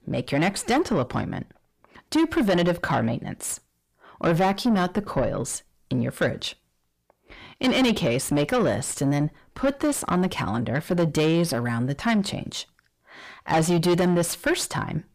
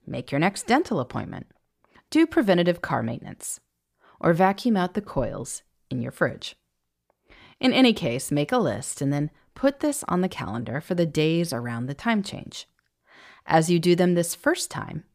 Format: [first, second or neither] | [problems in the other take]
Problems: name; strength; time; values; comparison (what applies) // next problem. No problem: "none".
second | distortion; heavy; 6 dB below the speech